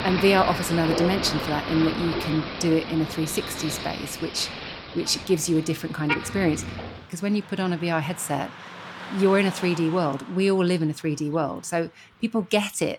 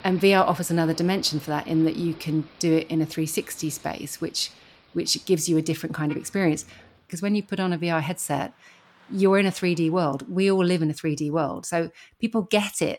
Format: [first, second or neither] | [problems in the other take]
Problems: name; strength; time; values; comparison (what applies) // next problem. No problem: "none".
second | traffic noise; loud; throughout; 7 dB below the speech; faint in the second